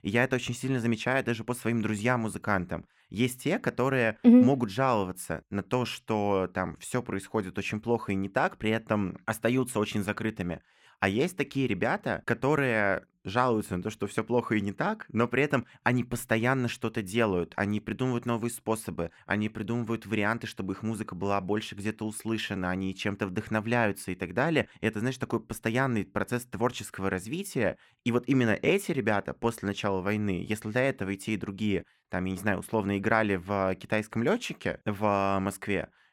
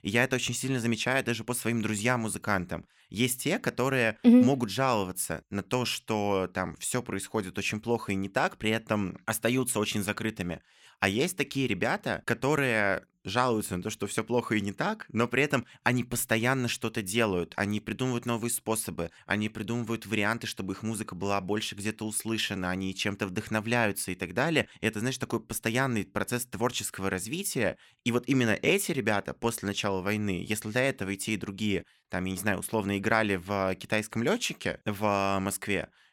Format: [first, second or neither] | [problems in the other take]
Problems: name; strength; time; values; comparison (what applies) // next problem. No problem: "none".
second | muffled; slightly; fading above 2.5 kHz